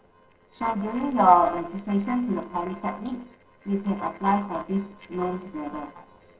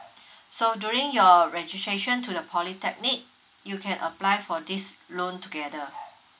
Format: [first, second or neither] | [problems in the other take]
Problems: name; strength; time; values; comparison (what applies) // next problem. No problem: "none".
second | noise reduction (neural separator model SepFormer DNS4)